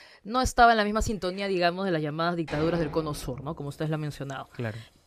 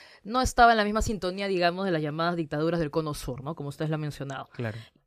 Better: second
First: household noises; noticeable; throughout; 15 dB below the speech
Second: none

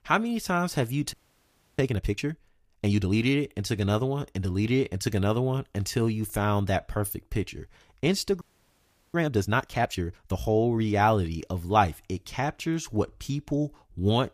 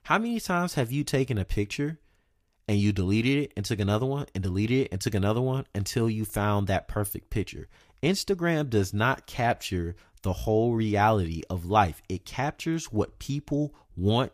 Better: second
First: audio freezing; at 1 s for 0.5 s and at 8.5 s for 0.5 s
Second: none

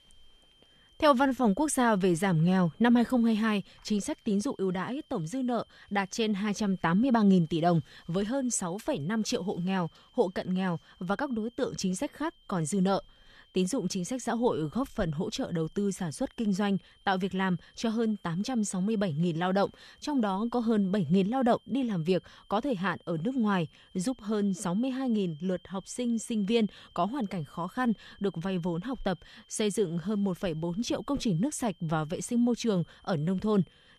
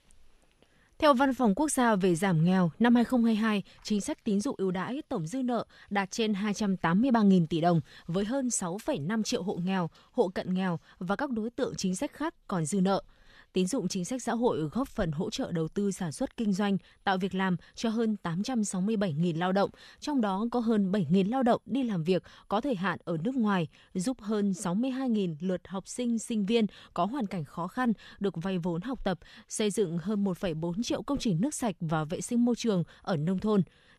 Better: second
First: high-pitched whine; faint; throughout; 3 kHz, 30 dB below the speech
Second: none

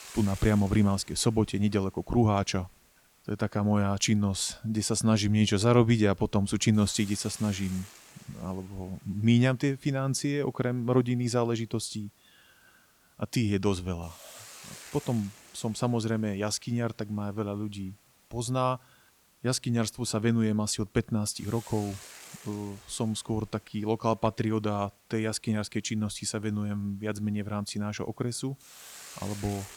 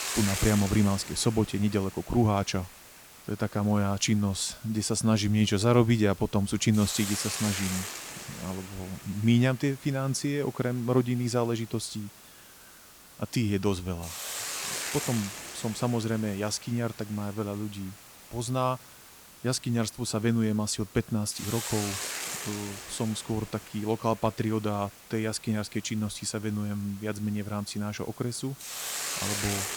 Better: first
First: hiss; faint; throughout; 20 dB below the speech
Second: hiss; loud; throughout; 8 dB below the speech

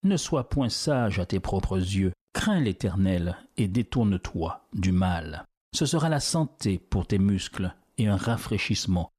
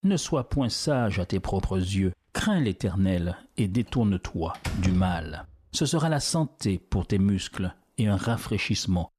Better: first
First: none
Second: door banging; noticeable; at 4.5 s; peak 6 dB below the speech

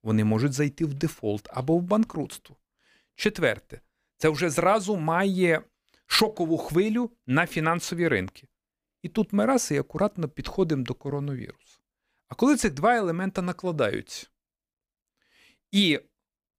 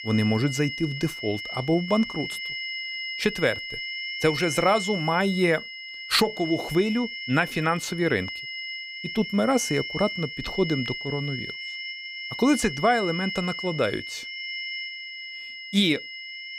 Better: first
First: none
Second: high-pitched whine; loud; throughout; 2 kHz, 7 dB below the speech

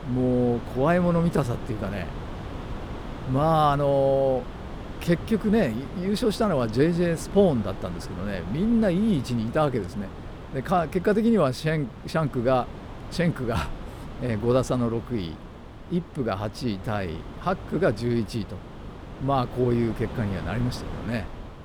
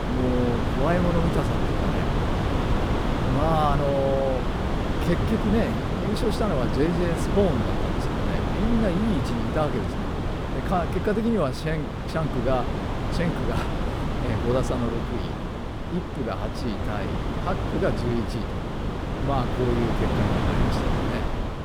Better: first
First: wind noise on the microphone; occasional gusts; 15 dB below the speech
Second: wind noise on the microphone; heavy; 1 dB below the speech

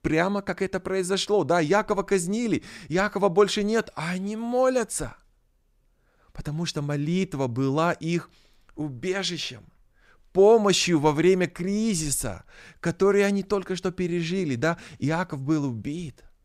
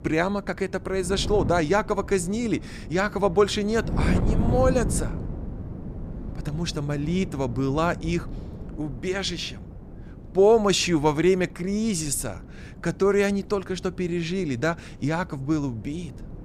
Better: first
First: none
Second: wind noise on the microphone; occasional gusts; 15 dB below the speech

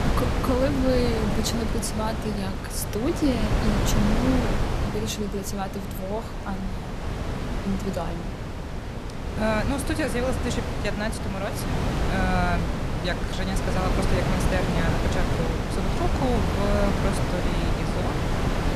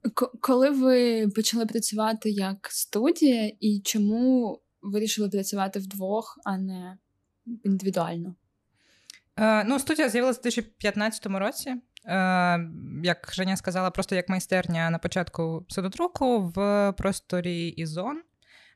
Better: second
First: wind noise on the microphone; heavy; 1 dB below the speech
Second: none

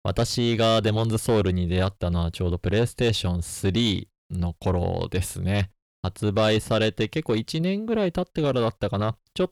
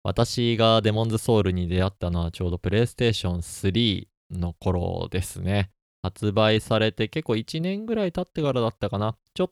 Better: second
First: distortion; slight; 10 dB below the speech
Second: none

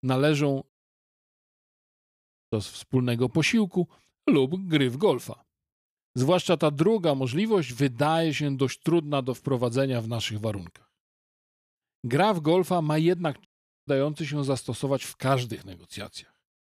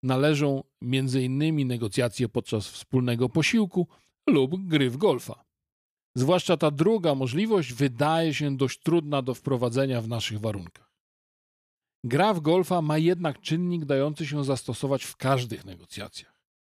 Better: second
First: audio cutting out; at 0.5 s for 2 s and at 13 s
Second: none

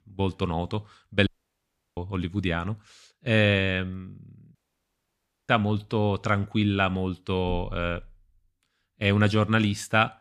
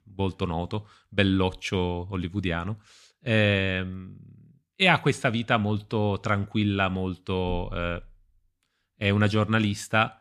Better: second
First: audio cutting out; at 1.5 s for 0.5 s and at 4.5 s for 1 s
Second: none

